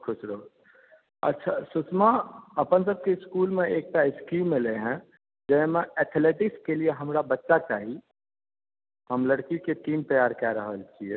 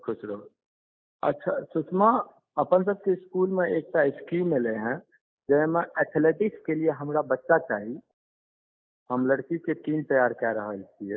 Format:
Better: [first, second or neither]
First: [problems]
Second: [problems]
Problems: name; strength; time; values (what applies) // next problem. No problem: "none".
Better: first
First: none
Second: noise reduction (neural mask model Resemble Enhance denoiser)